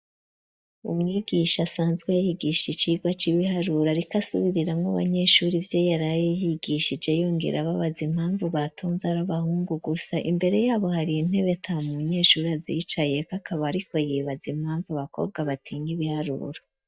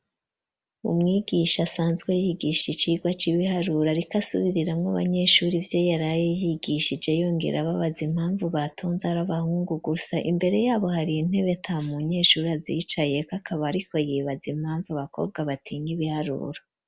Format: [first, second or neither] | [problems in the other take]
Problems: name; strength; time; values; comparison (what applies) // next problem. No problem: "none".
second | noise reduction (neural mask model DeepFilterNet 3)